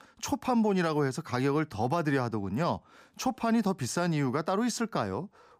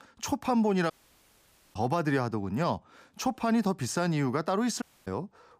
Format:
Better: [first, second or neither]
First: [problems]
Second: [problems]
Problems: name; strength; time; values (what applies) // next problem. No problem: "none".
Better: first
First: none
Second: audio cutting out; at 1 s for 1 s and at 5 s